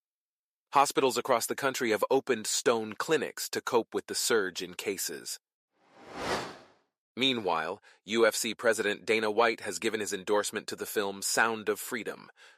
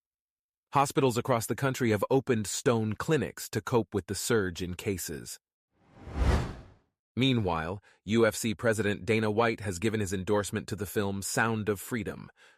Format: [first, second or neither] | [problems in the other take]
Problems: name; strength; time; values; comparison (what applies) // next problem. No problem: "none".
second | thin; somewhat; fading below 400 Hz